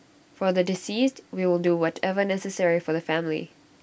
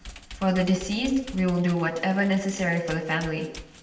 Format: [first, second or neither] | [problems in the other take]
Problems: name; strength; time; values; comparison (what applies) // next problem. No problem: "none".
first | background sound (Computer keyboard); 17 dB below the speech // room echo; dies away in 0.9 s